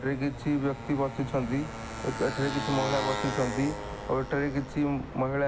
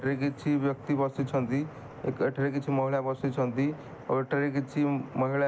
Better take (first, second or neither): second